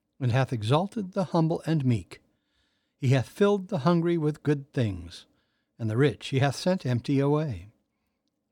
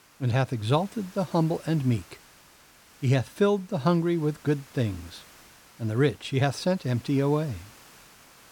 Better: first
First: none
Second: hiss; faint; throughout; 25 dB below the speech

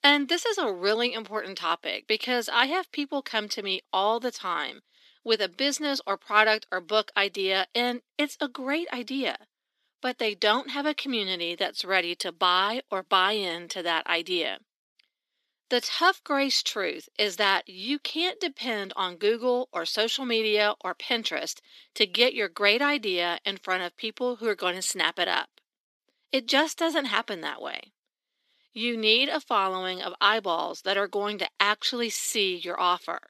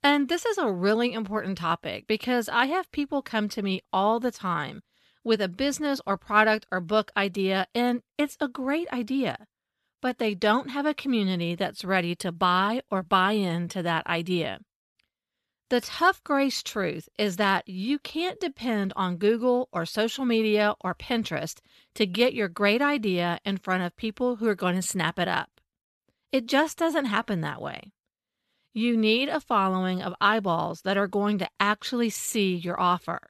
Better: second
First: thin; very slightly; fading below 250 Hz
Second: none

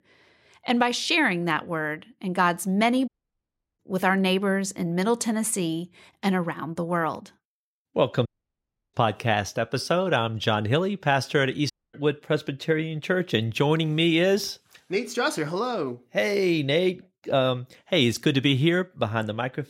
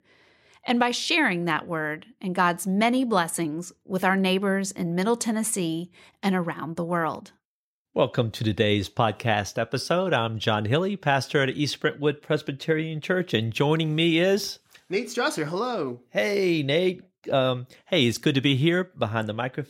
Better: second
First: audio cutting out; at 3 s for 0.5 s, at 8.5 s for 0.5 s and at 12 s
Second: none

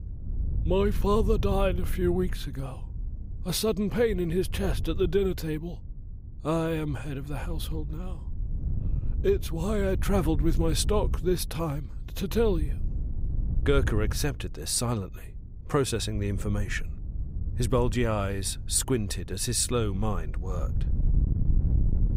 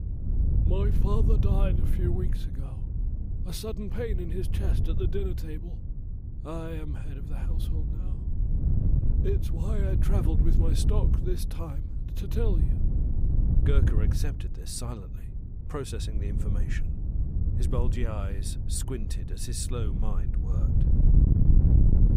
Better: first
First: wind noise on the microphone; occasional gusts; 20 dB below the speech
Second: wind noise on the microphone; heavy; 4 dB below the speech

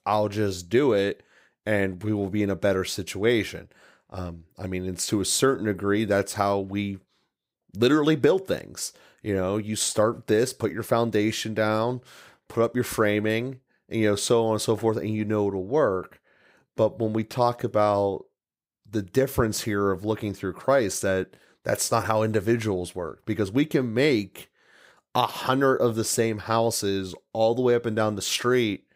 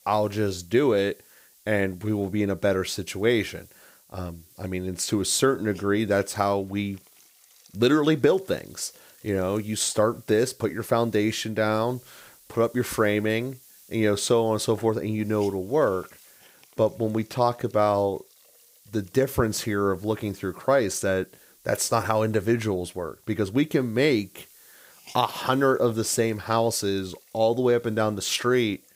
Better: first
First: none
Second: hiss; faint; throughout; 25 dB below the speech

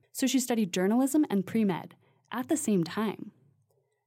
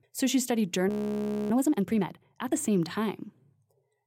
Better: first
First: none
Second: audio freezing; at 1 s for 0.5 s

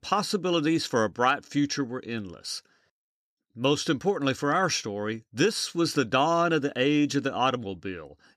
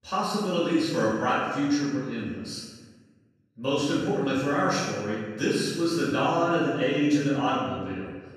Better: first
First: none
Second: off-mic speech; far // room echo; strong; dies away in 1.2 s

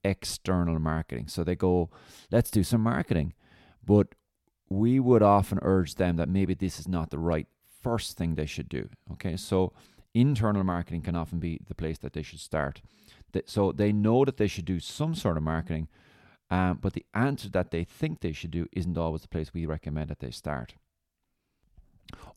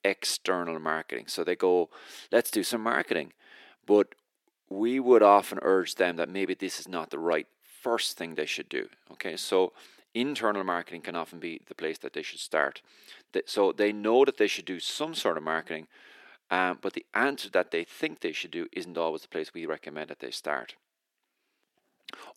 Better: first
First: none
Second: thin; somewhat; fading below 350 Hz

